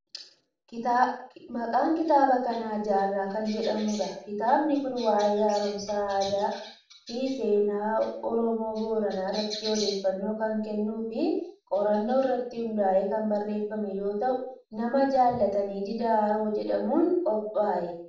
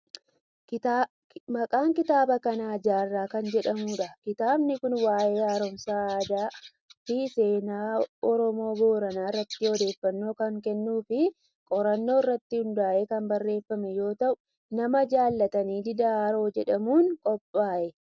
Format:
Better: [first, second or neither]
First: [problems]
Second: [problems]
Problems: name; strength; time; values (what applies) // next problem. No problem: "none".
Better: second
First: room echo; dies away in 0.5 s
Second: none